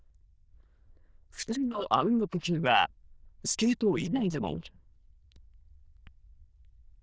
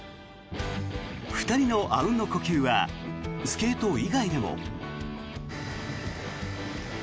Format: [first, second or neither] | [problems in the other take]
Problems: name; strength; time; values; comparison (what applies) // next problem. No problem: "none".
second | noise reduction (neural diffusion model UNIVERSE++)